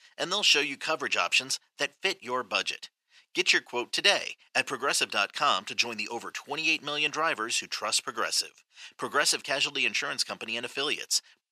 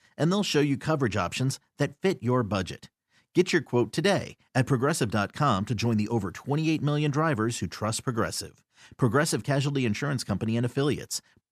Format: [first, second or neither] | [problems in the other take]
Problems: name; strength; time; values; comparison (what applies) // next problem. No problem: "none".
second | thin; very; fading below 600 Hz